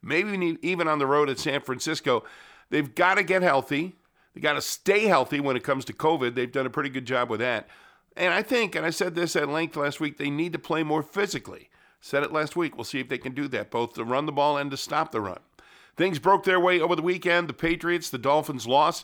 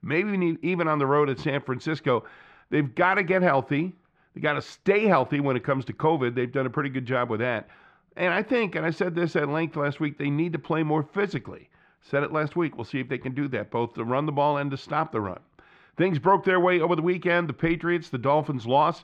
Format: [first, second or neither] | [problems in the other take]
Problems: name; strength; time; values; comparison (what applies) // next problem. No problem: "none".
first | muffled; slightly; fading above 2.5 kHz